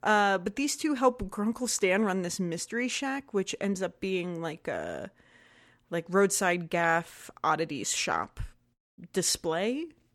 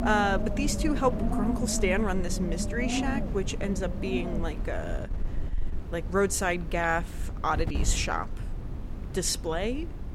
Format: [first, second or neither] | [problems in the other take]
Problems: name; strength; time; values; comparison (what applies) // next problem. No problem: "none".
first | wind noise on the microphone; occasional gusts; 10 dB below the speech